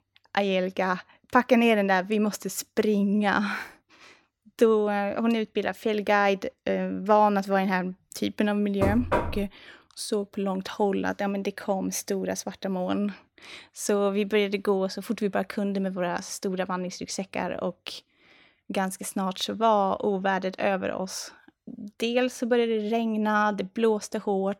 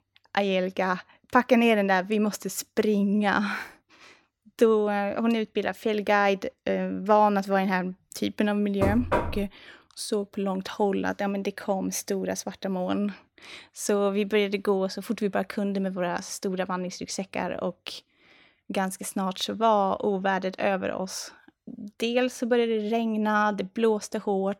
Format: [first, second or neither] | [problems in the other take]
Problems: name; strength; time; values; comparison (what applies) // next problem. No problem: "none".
neither | door banging; noticeable; at 9 s; peak level with the speech; the same in both